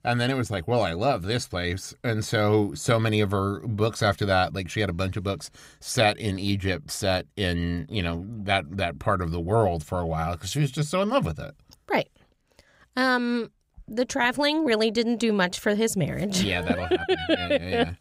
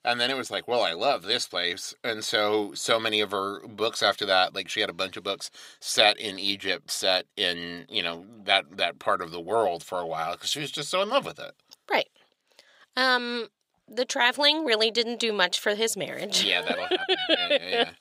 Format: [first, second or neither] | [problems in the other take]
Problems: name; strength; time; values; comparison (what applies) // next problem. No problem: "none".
first | thin; somewhat; fading below 400 Hz